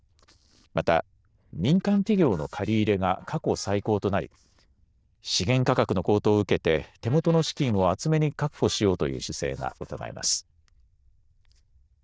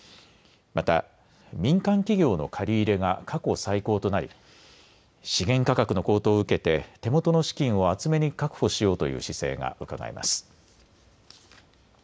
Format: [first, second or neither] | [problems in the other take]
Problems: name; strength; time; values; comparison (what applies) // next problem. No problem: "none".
second | noise reduction (neural diffusion model UNIVERSE++)